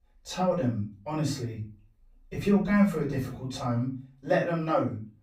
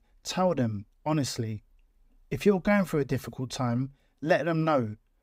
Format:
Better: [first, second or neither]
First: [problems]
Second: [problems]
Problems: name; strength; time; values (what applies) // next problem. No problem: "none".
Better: second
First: off-mic speech; far // room echo; slight; dies away in 0.3 s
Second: none